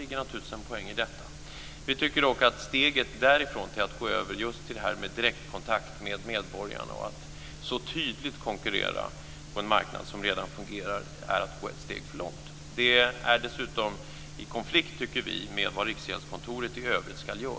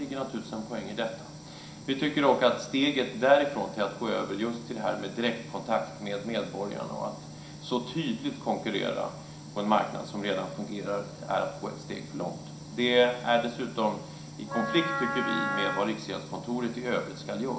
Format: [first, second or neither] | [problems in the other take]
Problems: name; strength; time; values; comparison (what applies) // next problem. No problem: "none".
first | background sound (Wind instrument, woodwind instrument); 3 dB below the speech // room echo; dies away in 0.5 s